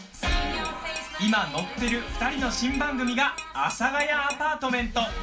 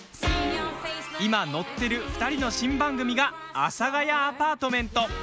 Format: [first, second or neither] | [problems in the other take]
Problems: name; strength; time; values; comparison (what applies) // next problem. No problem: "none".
second | background sound (Tap / Glass); 16 dB below the speech // room echo; dies away in 0.3 s